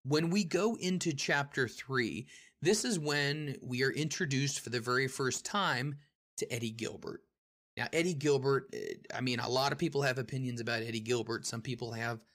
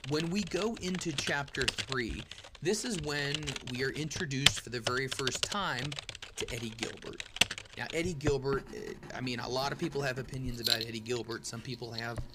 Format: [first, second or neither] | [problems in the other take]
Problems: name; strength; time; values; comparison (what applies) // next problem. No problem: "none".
first | household noises; very loud; throughout; as loud as the speech